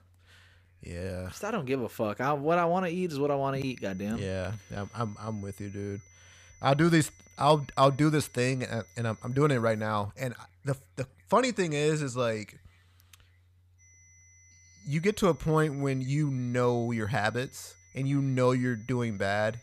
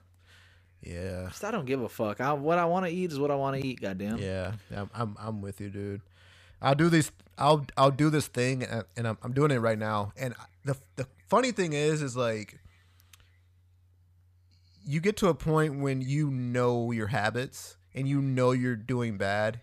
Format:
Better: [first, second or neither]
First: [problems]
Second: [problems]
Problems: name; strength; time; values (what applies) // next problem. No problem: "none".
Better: second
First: high-pitched whine; faint; from 3.5 to 10 s and from 14 s on; 6 kHz, 30 dB below the speech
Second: none